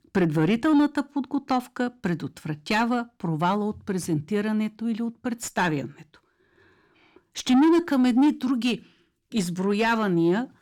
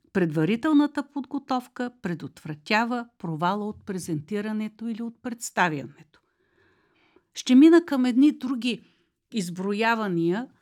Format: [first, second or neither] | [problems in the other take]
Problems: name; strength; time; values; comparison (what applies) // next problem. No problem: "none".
second | distortion; heavy; 7 dB below the speech